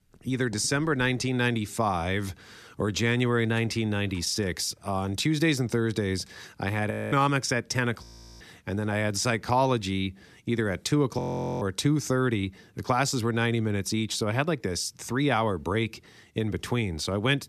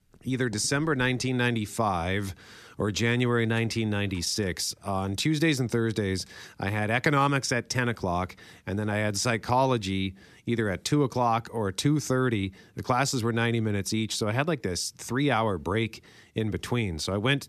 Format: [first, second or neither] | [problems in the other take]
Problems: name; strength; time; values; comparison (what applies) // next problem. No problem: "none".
second | audio freezing; at 7 s, at 8 s and at 11 s